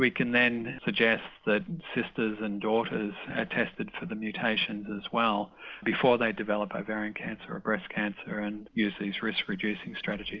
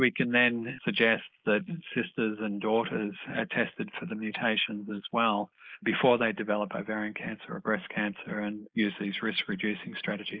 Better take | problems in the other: first | noise reduction (neural mask model Resemble Enhance denoiser)

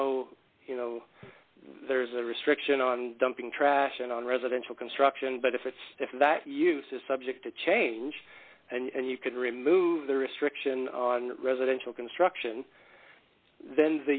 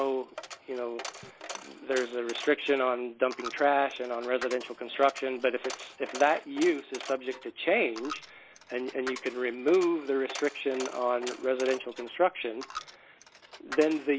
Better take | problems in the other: first | background sound (Coin (dropping)); 14 dB below the speech

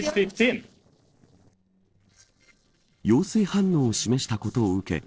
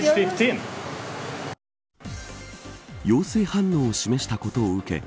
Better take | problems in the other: second | noise reduction (neural separator model SepFormer DNS4)

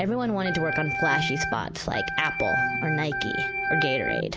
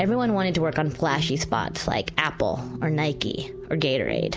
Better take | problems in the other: second | background sound (Organ); as loud as the speech

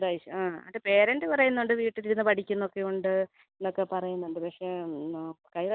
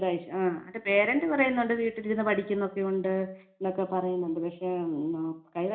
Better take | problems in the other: first | room echo; dies away in 0.4 s

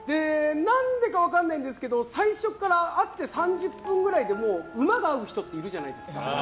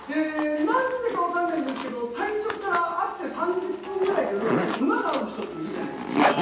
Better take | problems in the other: first | background sound (Zipper (clothing)); 5 dB below the speech // room echo; dies away in 0.9 s

